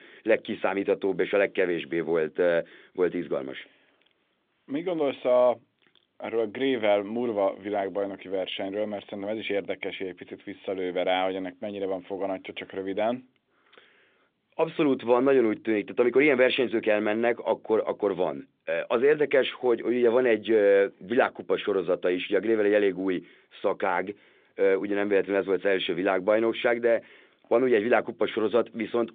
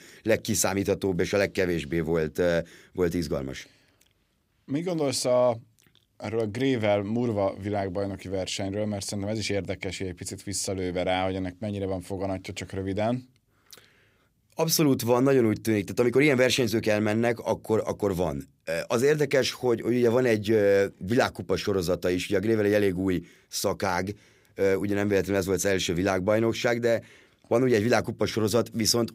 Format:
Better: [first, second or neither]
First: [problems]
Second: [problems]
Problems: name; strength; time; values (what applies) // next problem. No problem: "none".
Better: second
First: phone-call audio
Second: none